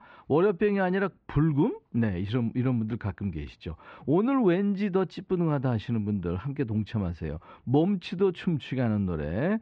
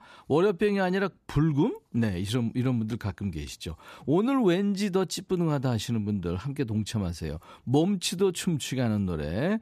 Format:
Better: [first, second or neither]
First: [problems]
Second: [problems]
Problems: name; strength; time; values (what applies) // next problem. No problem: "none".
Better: second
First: muffled; very; fading above 2.5 kHz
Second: none